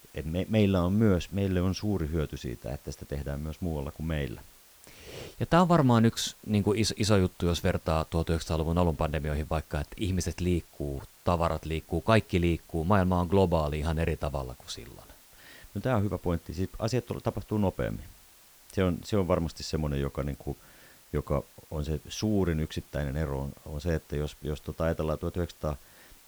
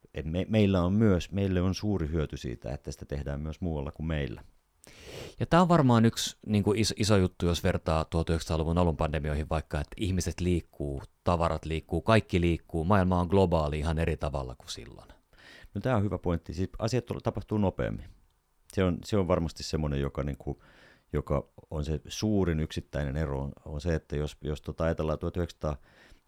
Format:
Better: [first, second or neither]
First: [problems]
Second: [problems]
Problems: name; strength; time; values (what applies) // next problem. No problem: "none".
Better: second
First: hiss; faint; throughout; 25 dB below the speech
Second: none